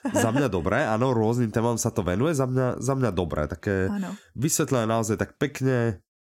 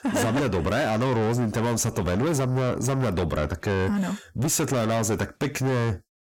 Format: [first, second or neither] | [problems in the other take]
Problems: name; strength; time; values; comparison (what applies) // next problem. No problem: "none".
first | distortion; heavy; 6 dB below the speech